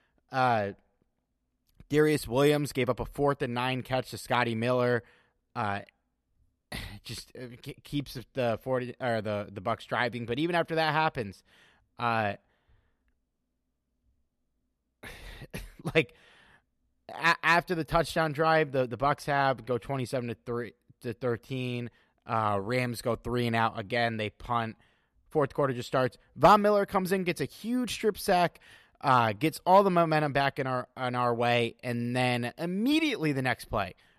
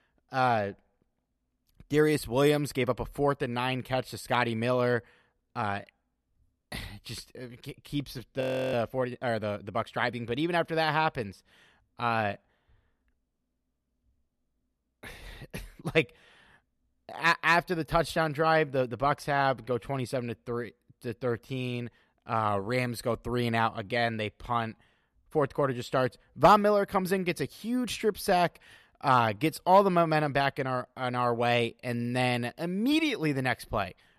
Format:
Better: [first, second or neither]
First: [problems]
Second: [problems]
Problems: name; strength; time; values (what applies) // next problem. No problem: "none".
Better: first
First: none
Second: audio freezing; at 8.5 s